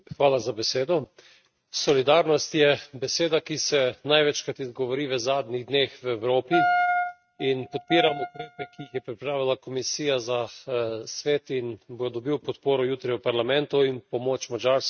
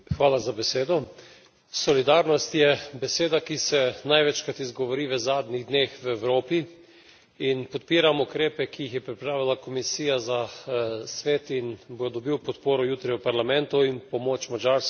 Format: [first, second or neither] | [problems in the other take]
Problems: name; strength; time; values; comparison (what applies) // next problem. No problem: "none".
second | noise reduction (neural mask model RNNoise)